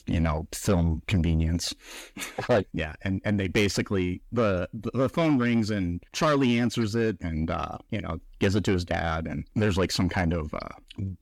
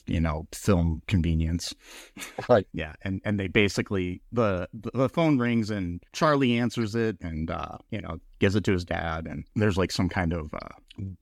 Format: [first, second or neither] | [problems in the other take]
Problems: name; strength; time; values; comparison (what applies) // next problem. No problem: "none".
second | distortion; slight; 10 dB below the speech